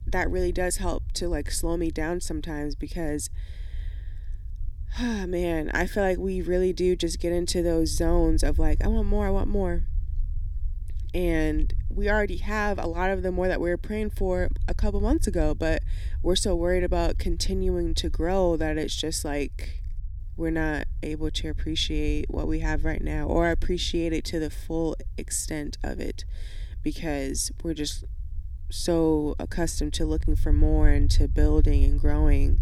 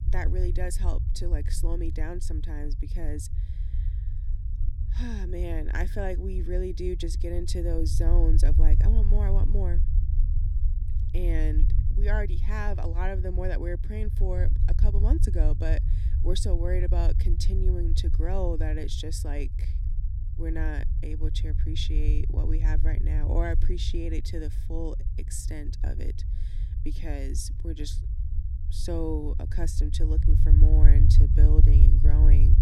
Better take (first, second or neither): first